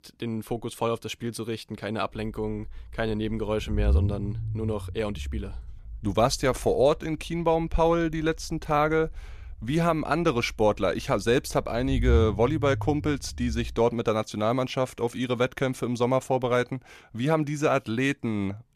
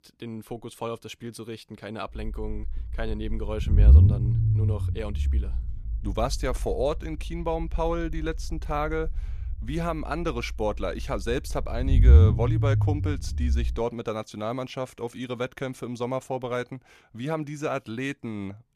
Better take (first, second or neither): first